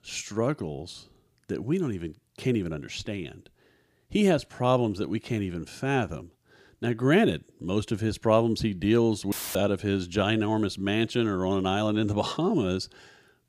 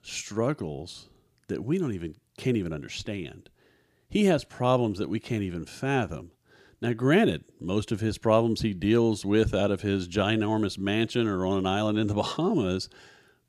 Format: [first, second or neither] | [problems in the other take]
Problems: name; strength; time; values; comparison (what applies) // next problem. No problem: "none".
second | audio cutting out; filled with static; at 9.5 s